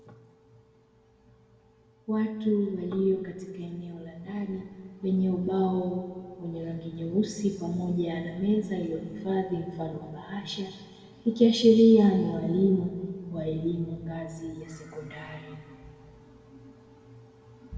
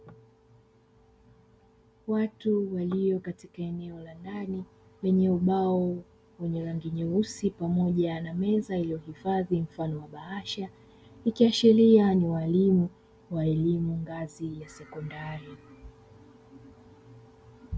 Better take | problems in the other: second | room echo; dies away in 1.8 s

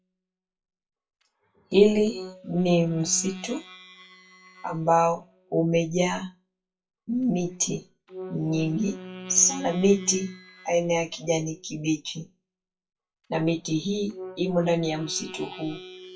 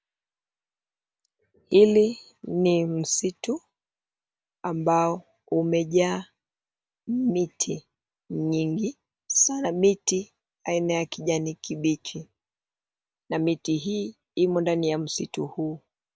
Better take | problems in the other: second | noise reduction (classical method WPE with log-MMSE)

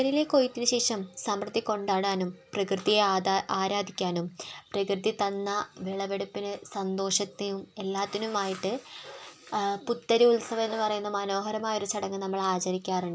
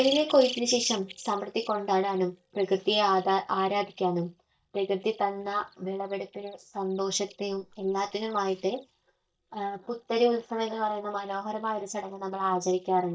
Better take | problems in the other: first | noise reduction (neural mask model DeepFilterNet 3)

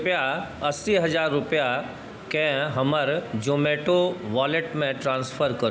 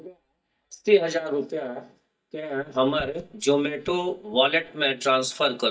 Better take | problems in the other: first | noise reduction (neural mask model DeepFilterNet 3)

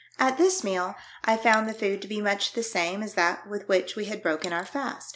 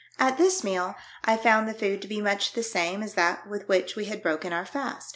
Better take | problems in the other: second | background sound (Coin (dropping)); 19 dB below the speech

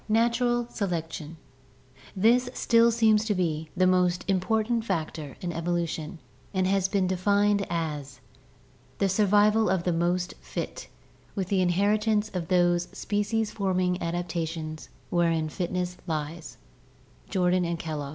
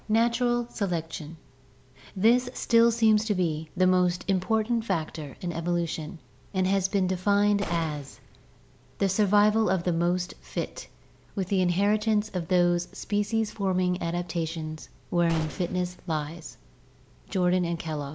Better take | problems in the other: first | background sound (Gunshot, gunfire); 14 dB below the speech

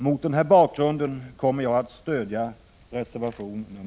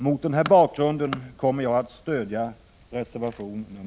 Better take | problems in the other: first | background sound (Tools); 16 dB below the speech

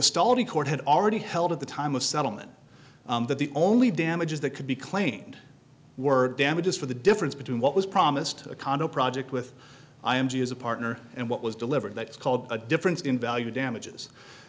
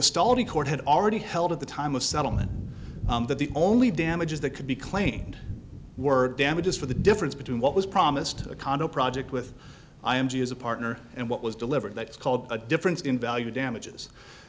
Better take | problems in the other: first | background sound (Thunder); 12 dB below the speech

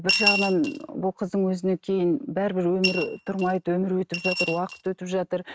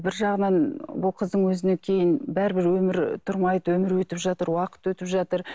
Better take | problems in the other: second | noise reduction (neural mask model RNNoise)

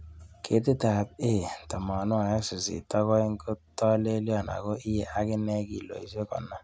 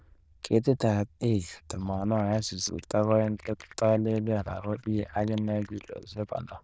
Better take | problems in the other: first | noise reduction (neural diffusion model UNIVERSE++)

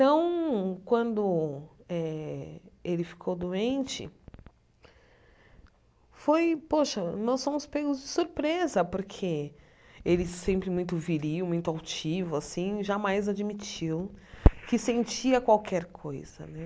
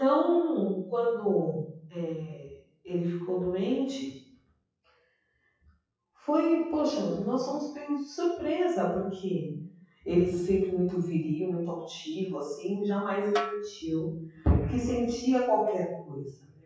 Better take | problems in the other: first | noise reduction (classical method WPE with log-MMSE)

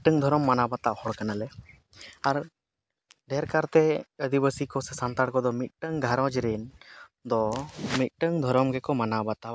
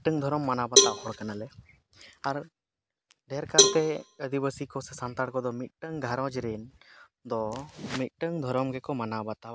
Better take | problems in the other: first | background sound (Cowbell); 4 dB above the speech

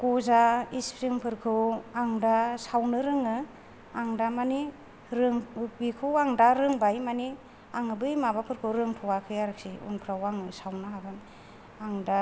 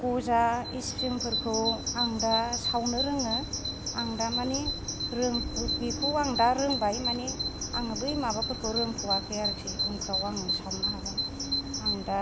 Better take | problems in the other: first | background sound (Bird vocalization, bird call, bird song); 1 dB below the speech

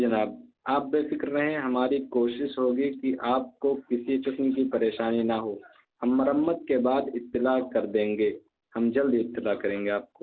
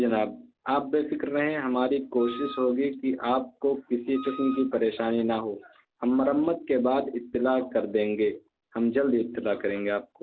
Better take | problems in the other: first | background sound (Wind instrument, woodwind instrument); 15 dB below the speech

